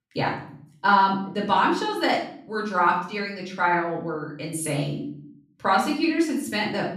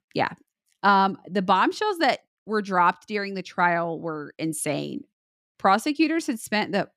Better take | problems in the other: second | off-mic speech; far // room echo; noticeable; dies away in 0.6 s

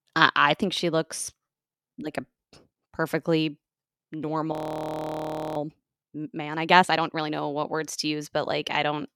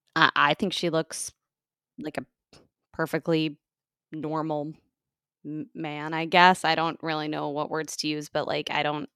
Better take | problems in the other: second | audio freezing; at 4.5 s for 1 s

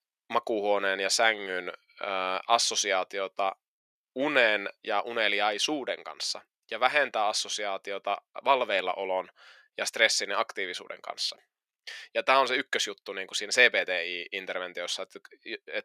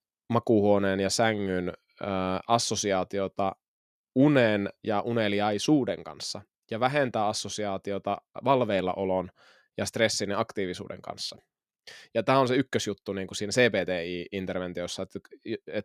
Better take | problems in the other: second | thin; somewhat; fading below 600 Hz

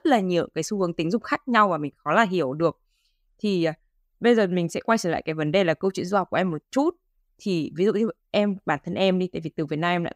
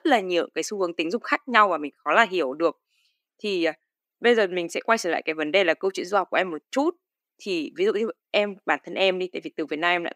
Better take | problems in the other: first | thin; somewhat; fading below 250 Hz

